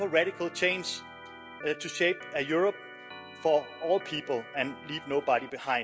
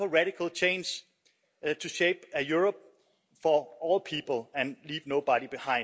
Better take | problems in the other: second | background sound (Organ); 15 dB below the speech

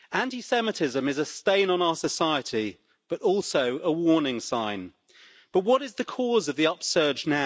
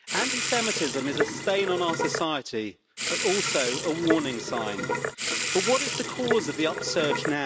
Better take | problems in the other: first | background sound (Sink (filling or washing) / Water tap, faucet); 1 dB below the speech

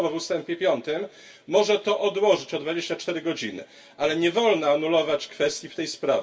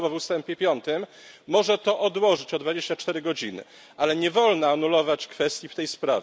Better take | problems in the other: second | room echo; dies away in 0.2 s

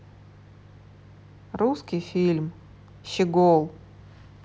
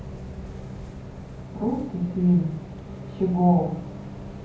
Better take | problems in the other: first | background sound (Bus); 11 dB below the speech // room echo; dies away in 0.9 s

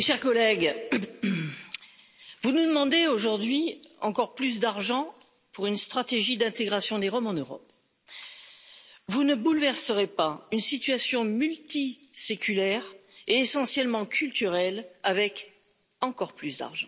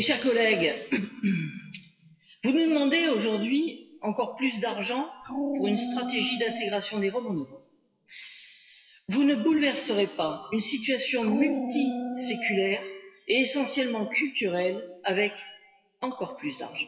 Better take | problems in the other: first | noise reduction (classical method WPE with log-MMSE)

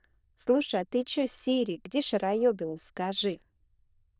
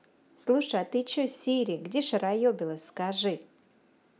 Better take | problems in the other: second | noise reduction (neural diffusion model UNIVERSE++)

